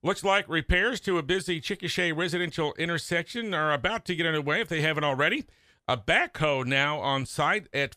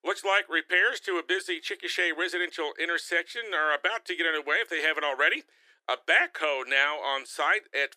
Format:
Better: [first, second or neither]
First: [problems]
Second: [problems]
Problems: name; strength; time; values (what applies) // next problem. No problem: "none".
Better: first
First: none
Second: thin; very; fading below 350 Hz